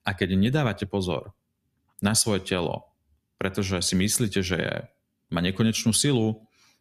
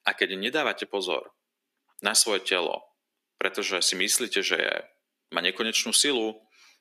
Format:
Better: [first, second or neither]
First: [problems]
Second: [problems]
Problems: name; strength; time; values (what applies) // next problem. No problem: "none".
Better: first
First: none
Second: thin; very; fading below 300 Hz